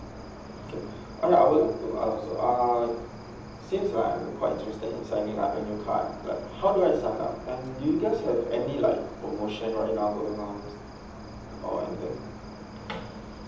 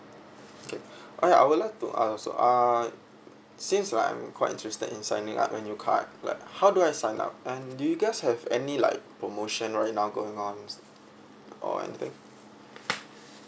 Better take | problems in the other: second | background sound (Cricket); 15 dB below the speech // room echo; dies away in 0.8 s

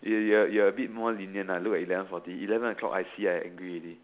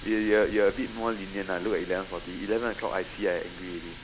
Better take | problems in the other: first | background sound (Water tap, faucet); 14 dB below the speech

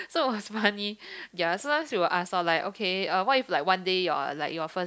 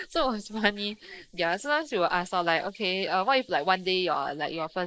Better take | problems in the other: first | noise reduction (neural mask model Resemble Enhance denoiser)

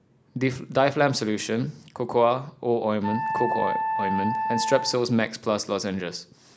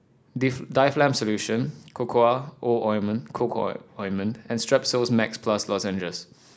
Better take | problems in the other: second | background sound (Wind instrument, woodwind instrument); 4 dB below the speech

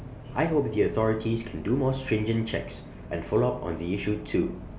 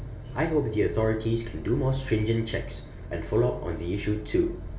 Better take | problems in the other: first | room echo; dies away in 0.2 s

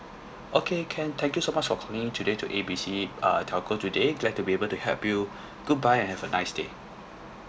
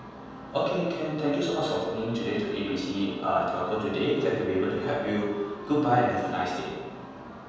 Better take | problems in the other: first | background sound (Wind instrument, woodwind instrument); 19 dB below the speech // room echo; dies away in 1.2 s

